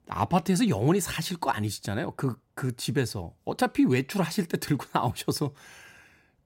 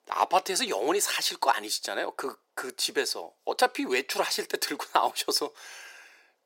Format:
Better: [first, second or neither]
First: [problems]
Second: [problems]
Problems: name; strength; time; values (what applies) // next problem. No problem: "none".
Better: first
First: none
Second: thin; very; fading below 400 Hz